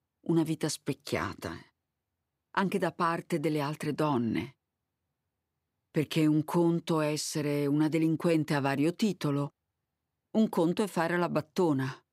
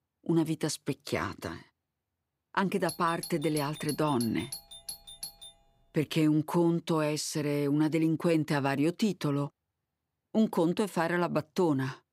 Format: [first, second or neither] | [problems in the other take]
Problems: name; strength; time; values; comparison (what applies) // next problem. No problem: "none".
first | doorbell; noticeable; from 3 to 5.5 s; peak 10 dB below the speech